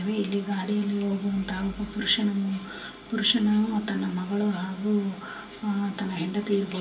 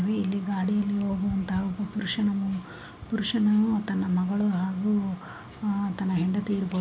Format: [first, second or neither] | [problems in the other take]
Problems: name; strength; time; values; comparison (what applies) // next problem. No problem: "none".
second | room echo; dies away in 0.3 s